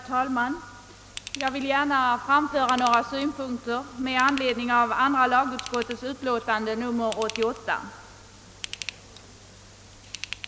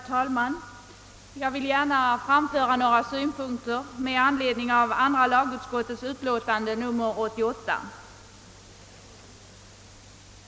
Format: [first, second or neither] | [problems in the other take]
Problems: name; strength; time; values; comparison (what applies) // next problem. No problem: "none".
second | background sound (Ratchet, pawl / Tools); 16 dB below the speech